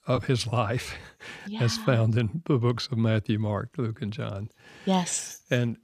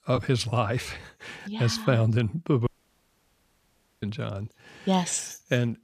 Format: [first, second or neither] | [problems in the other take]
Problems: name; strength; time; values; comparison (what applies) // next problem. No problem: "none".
first | audio cutting out; at 2.5 s for 1.5 s